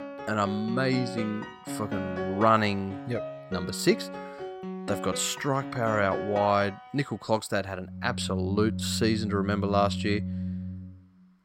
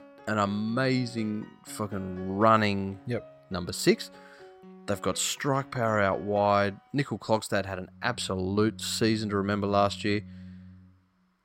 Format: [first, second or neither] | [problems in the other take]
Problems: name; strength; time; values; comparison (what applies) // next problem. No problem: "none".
second | background music; loud; throughout; 8 dB below the speech; faint in the second